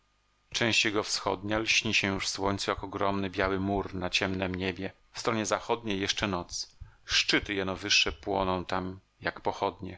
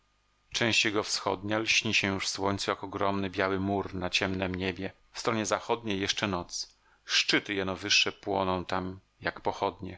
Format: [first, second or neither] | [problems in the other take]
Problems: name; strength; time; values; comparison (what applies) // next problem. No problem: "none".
second | background sound (Run); 19 dB below the speech